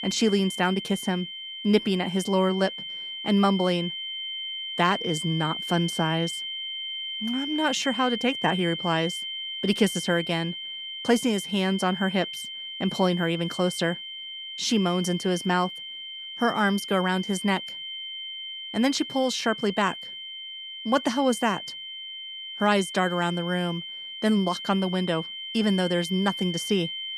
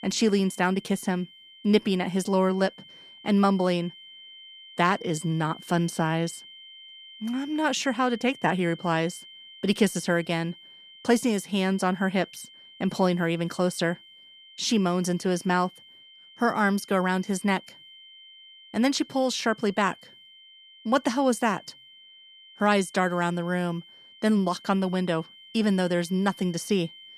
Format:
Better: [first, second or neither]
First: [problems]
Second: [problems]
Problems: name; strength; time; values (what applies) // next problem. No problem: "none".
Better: second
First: high-pitched whine; loud; throughout; 3 kHz, 7 dB below the speech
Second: high-pitched whine; faint; throughout; 3 kHz, 20 dB below the speech